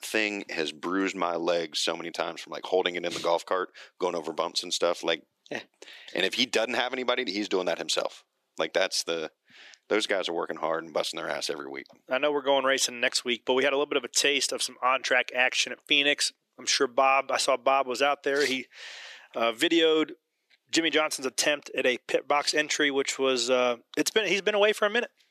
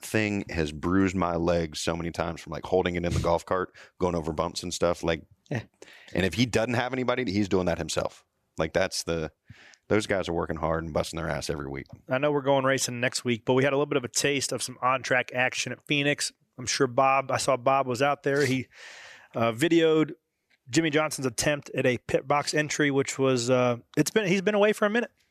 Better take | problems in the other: second | thin; somewhat; fading below 300 Hz

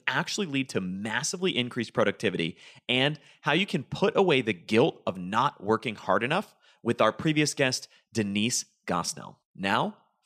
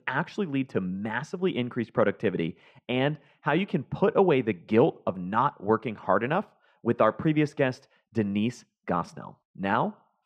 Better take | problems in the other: first | muffled; very; fading above 3 kHz

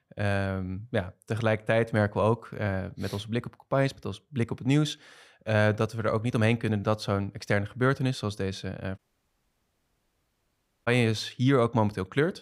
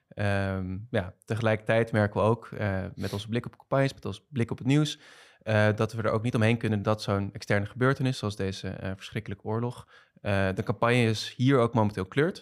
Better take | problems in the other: second | audio cutting out; at 9 s for 2 s

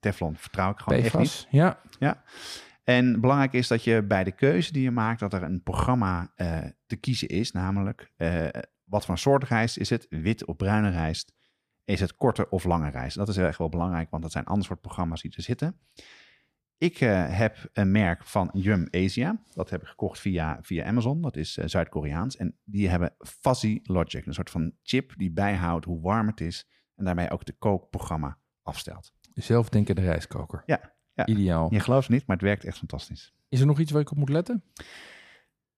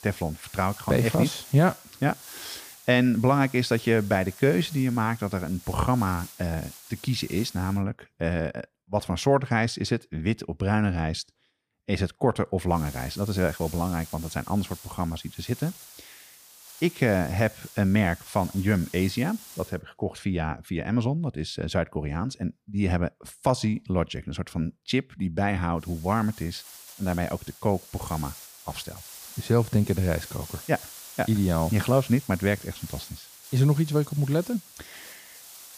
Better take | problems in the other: first | hiss; noticeable; until 8 s, from 13 to 20 s and from 26 s on; 15 dB below the speech

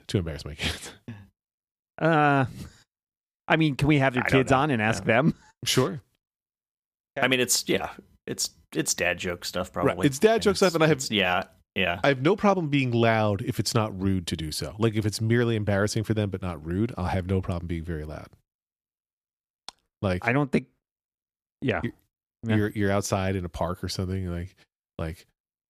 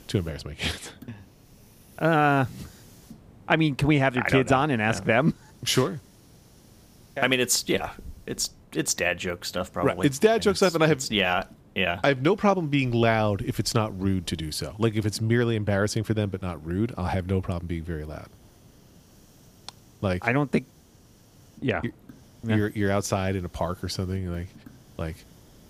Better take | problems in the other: first | hiss; faint; throughout; 25 dB below the speech

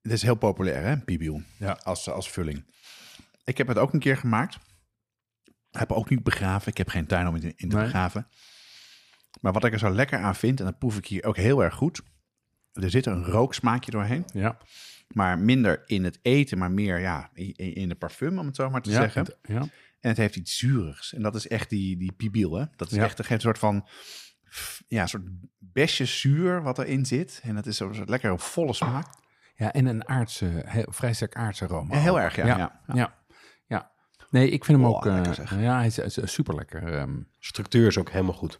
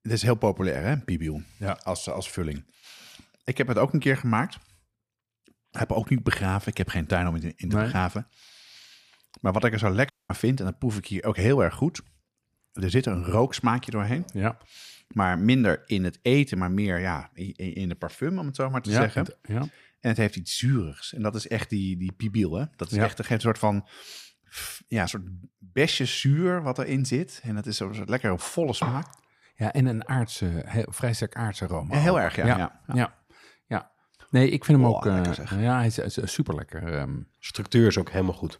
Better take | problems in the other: first | audio cutting out; at 10 s

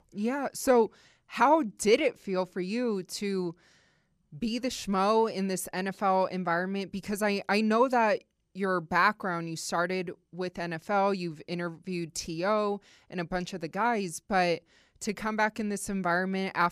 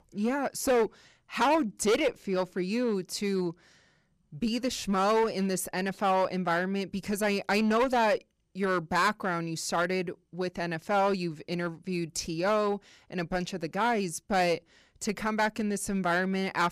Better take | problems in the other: first | distortion; slight; 6% of the sound clipped

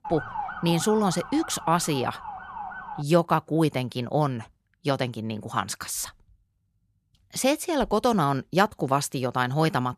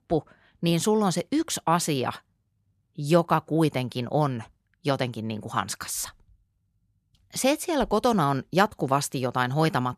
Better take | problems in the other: second | siren; noticeable; until 3 s; peak 8 dB below the speech

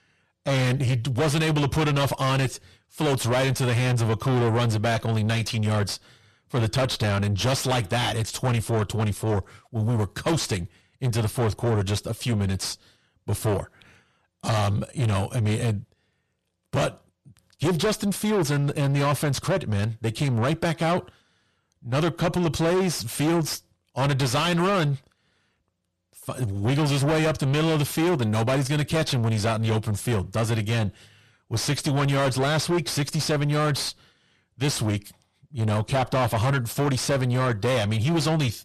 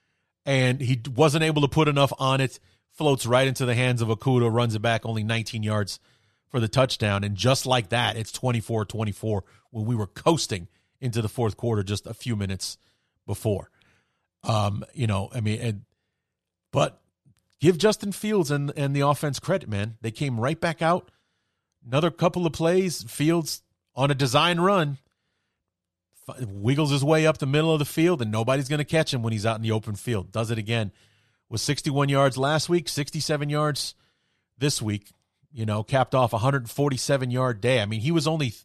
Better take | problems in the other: second | distortion; heavy; 6 dB below the speech

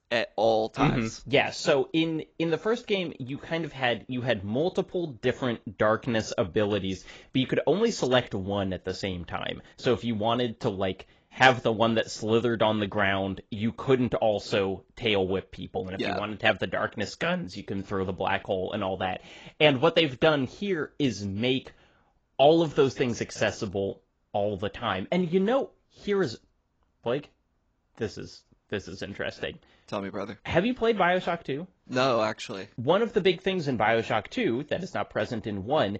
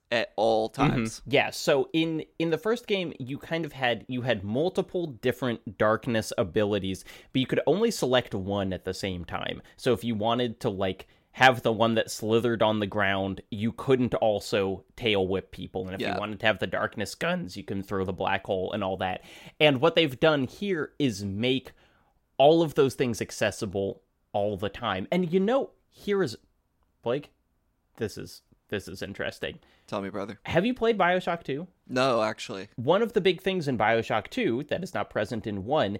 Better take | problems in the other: second | garbled, watery; badly; nothing above 7.5 kHz

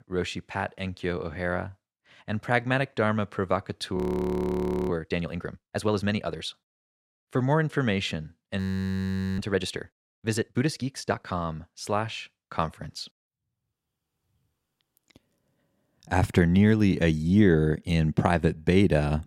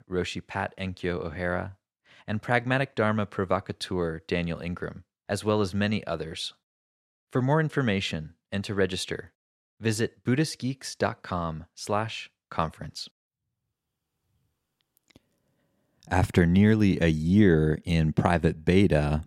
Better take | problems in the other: second | audio freezing; at 4 s for 1 s and at 8.5 s for 1 s

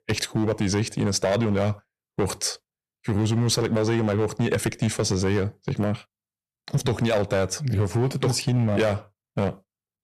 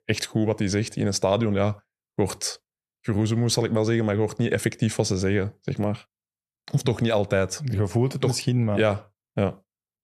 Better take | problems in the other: second | distortion; slight; 7% of the sound clipped

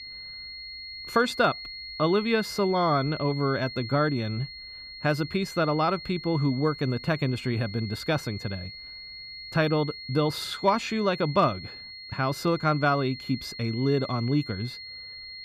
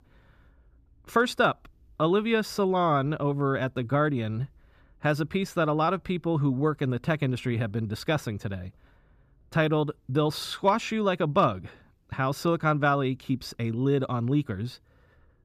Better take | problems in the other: second | high-pitched whine; noticeable; throughout; 4.5 kHz, 10 dB below the speech

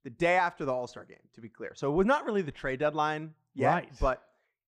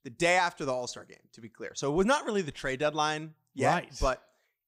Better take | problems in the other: second | muffled; slightly; fading above 3.5 kHz

